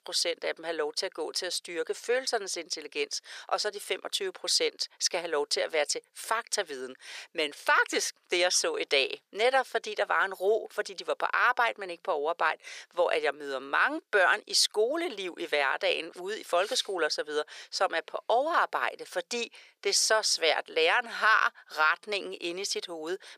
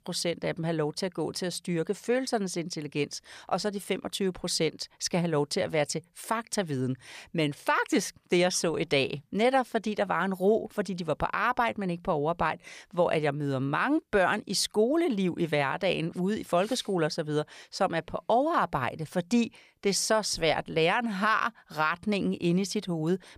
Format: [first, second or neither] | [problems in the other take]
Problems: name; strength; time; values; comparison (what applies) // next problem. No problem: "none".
second | thin; very; fading below 400 Hz